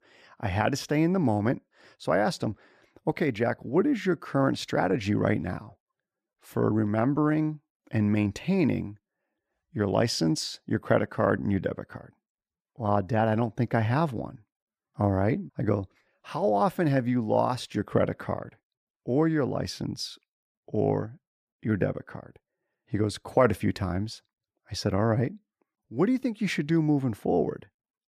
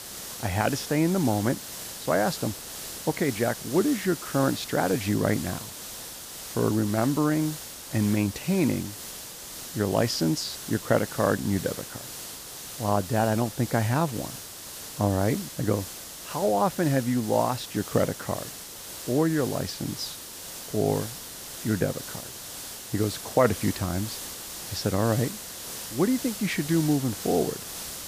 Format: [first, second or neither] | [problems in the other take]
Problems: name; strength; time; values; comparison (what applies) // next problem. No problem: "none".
first | hiss; loud; throughout; 9 dB below the speech